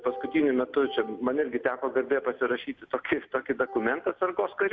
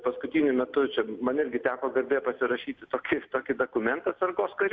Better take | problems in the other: second | background sound (Wind instrument, woodwind instrument); 16 dB below the speech

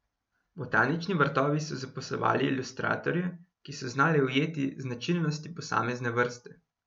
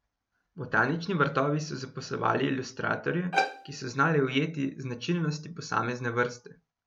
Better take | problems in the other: first | background sound (Bowed string instrument); 3 dB below the speech

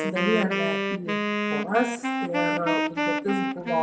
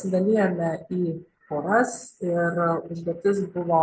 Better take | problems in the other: second | background sound (Wind instrument, woodwind instrument); 2 dB above the speech // room echo; dies away in 0.7 s

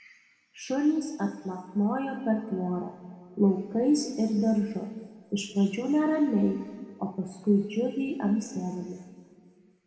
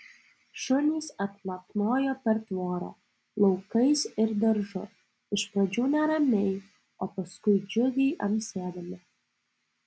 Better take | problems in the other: second | room echo; dies away in 1.8 s

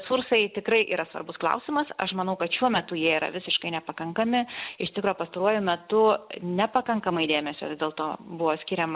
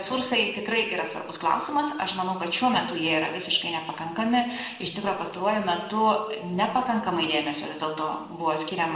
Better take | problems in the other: first | room echo; dies away in 1 s

